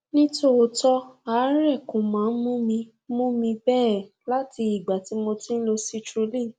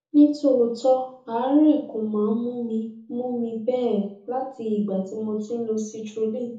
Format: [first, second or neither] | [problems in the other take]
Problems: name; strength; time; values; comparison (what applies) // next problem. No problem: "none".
first | room echo; dies away in 0.9 s